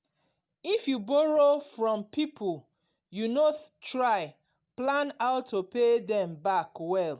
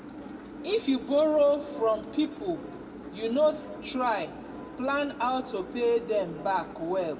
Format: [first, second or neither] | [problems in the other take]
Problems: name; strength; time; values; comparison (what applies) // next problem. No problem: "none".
first | background sound (Engine); 13 dB below the speech // room echo; dies away in 1.2 s